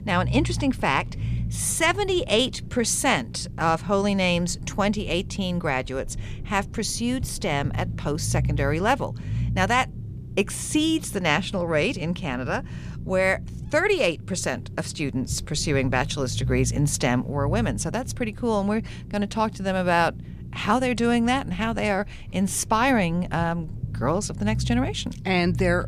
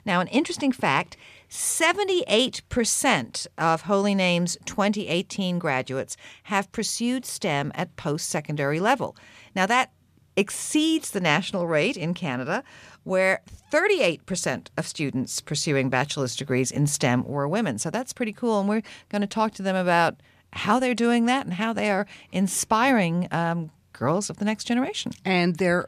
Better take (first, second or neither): second